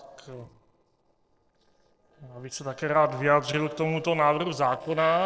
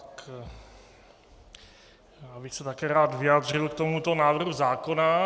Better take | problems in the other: second | noise reduction (neural separator model SepFormer DNS4)

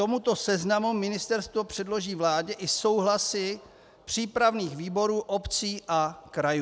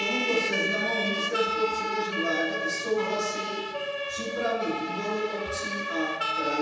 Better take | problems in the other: first | background sound (Siren); 1 dB above the speech // room echo; dies away in 1.1 s

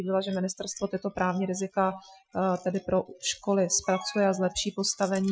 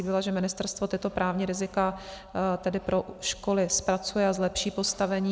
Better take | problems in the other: second | noise reduction (classical method Wiener filter)

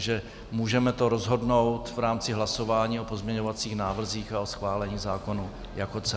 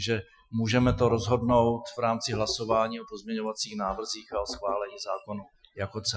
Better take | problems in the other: first | noise reduction (classical method Wiener filter)

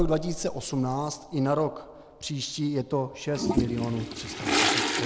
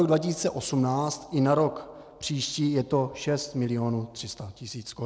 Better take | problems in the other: second | background sound (Toilet flush); 2 dB below the speech

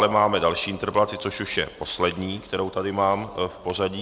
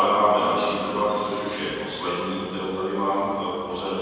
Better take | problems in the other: first | room echo; dies away in 2.1 s

